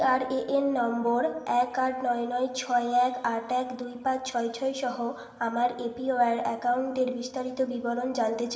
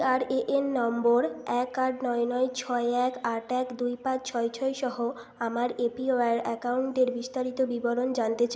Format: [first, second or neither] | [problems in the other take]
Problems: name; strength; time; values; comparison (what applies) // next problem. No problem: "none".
second | room echo; dies away in 2.6 s